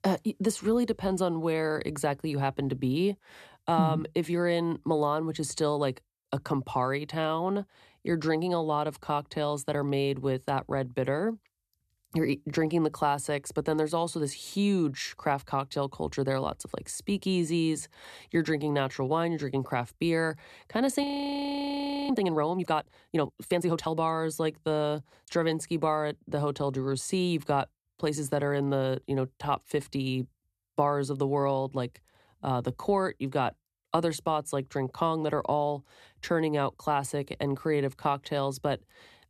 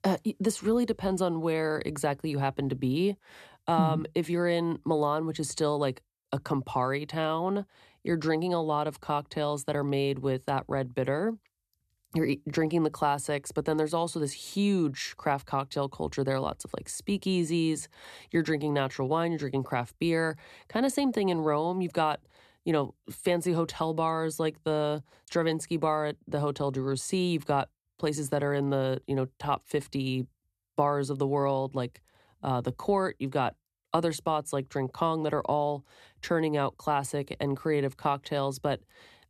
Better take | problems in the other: second | audio freezing; at 21 s for 1 s

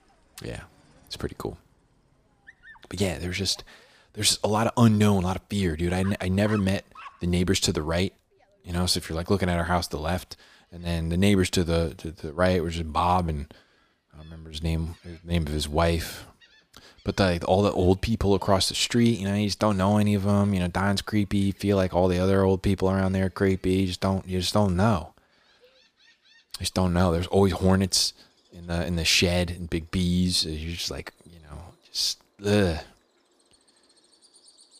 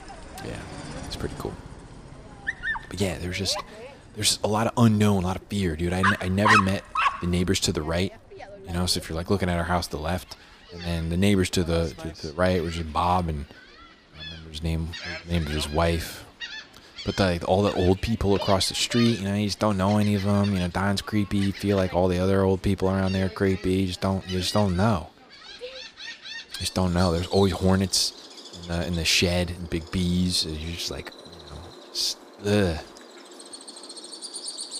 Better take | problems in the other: first | animal sounds; loud; throughout; 9 dB below the speech; faint in the first

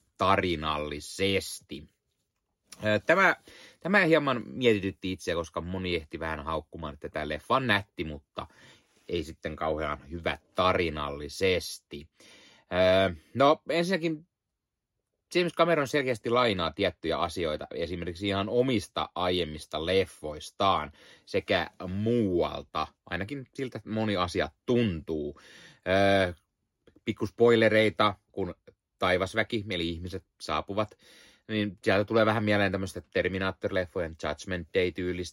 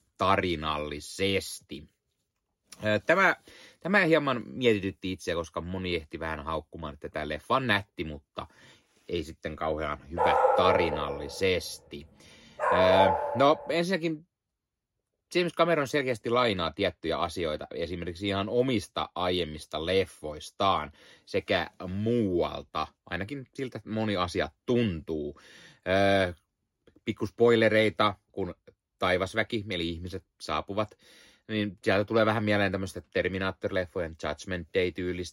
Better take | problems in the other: first | dog barking; loud; from 10 to 13 s; peak 5 dB above the speech

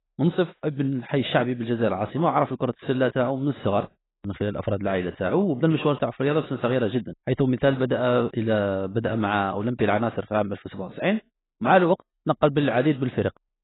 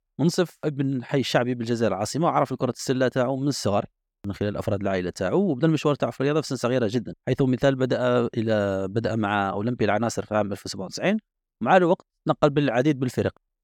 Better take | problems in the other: second | garbled, watery; badly; nothing above 4 kHz

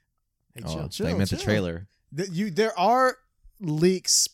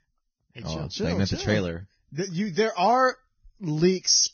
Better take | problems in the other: first | garbled, watery; badly; nothing above 6.5 kHz

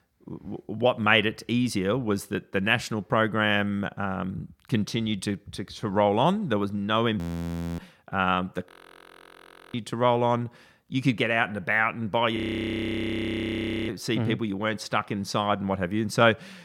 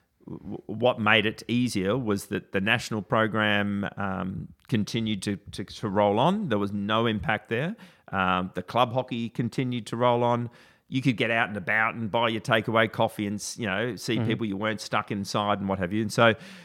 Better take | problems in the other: second | audio freezing; at 7 s for 0.5 s, at 8.5 s for 1 s and at 12 s for 1.5 s

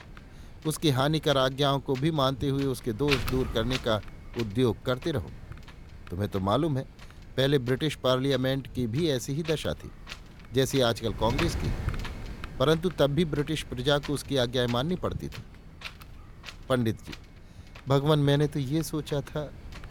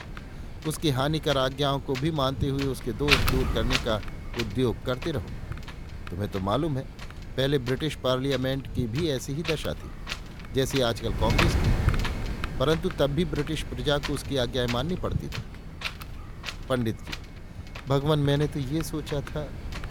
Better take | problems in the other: first | wind noise on the microphone; heavy; 5 dB below the speech; occasional gusts in the first

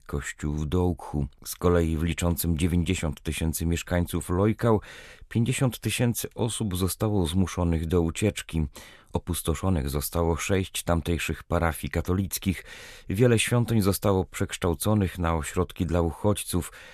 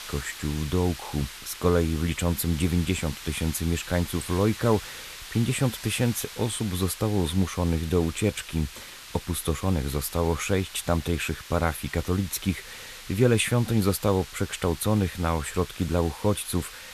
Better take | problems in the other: first | hiss; noticeable; throughout; 15 dB below the speech

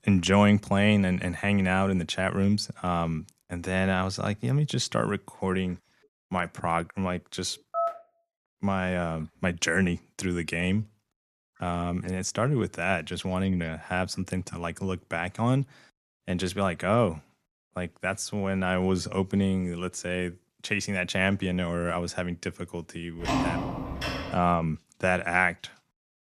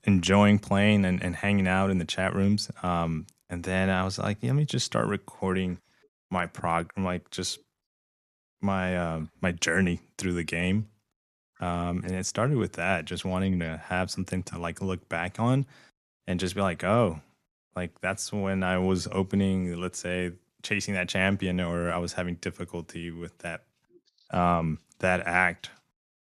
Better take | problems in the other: second | phone ringing; noticeable; at 7.5 s; peak 2 dB below the speech // door banging; loud; from 23 to 24 s; peak 1 dB above the speech

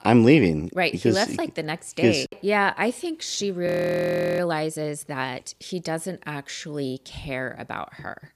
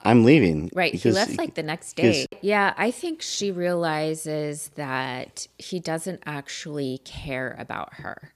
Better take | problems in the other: second | audio freezing; at 3.5 s for 0.5 s

